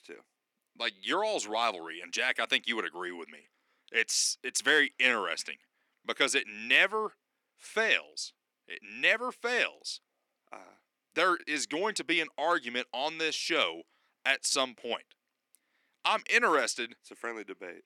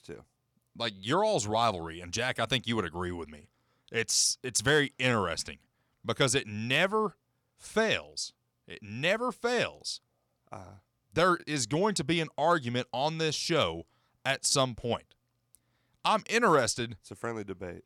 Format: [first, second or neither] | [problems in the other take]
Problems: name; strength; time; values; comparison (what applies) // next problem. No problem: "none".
second | thin; somewhat; fading below 300 Hz